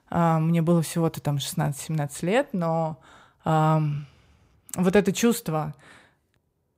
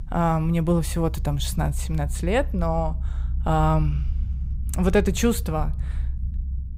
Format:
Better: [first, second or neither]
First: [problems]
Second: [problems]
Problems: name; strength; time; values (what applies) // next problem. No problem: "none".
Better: first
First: none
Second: low rumble; faint; throughout; 20 dB below the speech